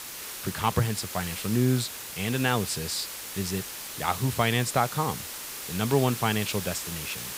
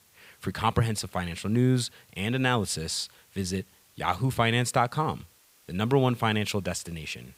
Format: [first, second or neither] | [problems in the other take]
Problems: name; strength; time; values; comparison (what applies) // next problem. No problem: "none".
second | hiss; loud; throughout; 7 dB below the speech; faint in the second